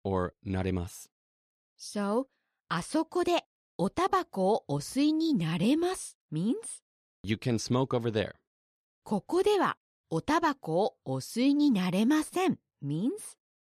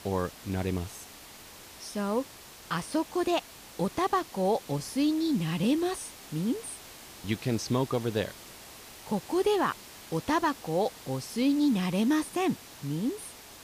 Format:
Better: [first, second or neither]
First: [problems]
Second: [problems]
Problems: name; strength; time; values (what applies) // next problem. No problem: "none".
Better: first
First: none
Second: hiss; noticeable; throughout; 15 dB below the speech